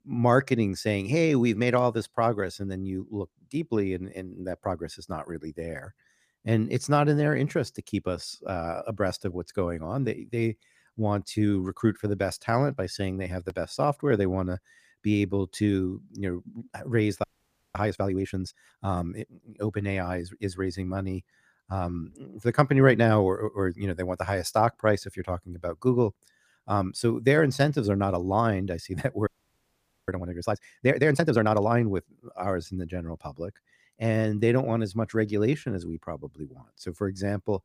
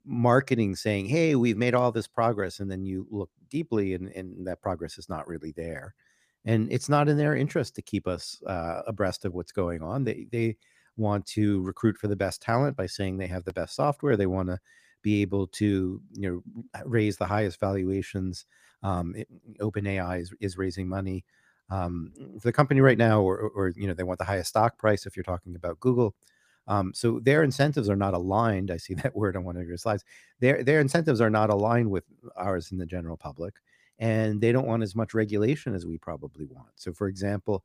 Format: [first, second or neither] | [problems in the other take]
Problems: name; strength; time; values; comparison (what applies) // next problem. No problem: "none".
second | audio freezing; at 17 s for 0.5 s and at 29 s for 1 s